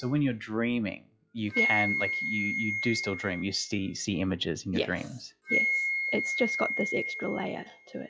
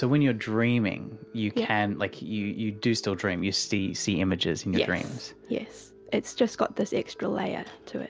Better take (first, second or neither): second